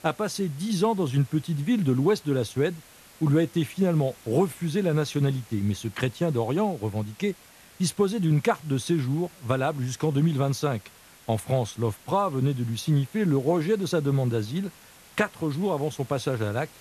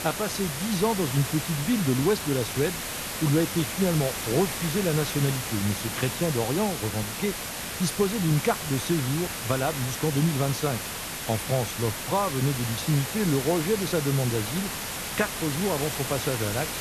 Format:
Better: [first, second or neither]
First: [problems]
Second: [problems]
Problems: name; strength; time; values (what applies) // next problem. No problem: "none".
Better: first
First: hiss; faint; throughout; 25 dB below the speech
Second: hiss; loud; throughout; 4 dB below the speech